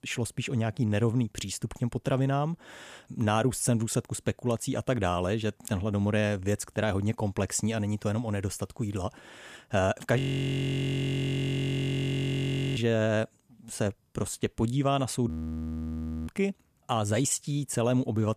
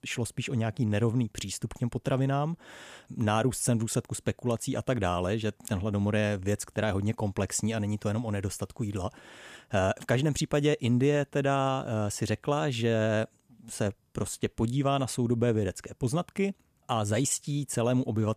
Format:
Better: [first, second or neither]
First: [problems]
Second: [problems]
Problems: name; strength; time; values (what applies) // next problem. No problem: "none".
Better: second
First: audio freezing; at 10 s for 2.5 s and at 15 s for 1 s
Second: none